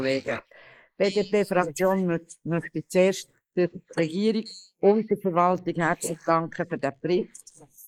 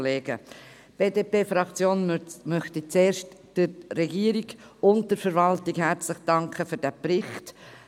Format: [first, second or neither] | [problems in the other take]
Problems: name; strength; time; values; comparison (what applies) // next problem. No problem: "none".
second | noise reduction (neural mask model Resemble Enhance denoiser)